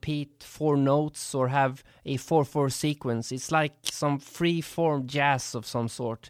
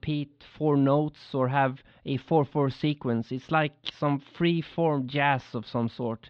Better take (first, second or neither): first